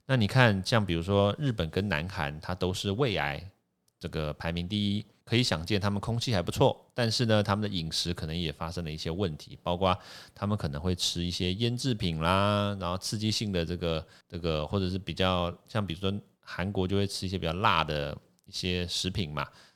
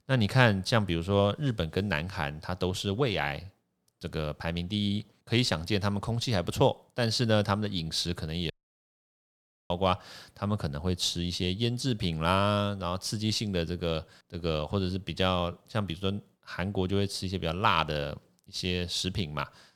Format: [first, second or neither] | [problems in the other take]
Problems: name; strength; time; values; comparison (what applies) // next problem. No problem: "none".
first | audio cutting out; at 8.5 s for 1 s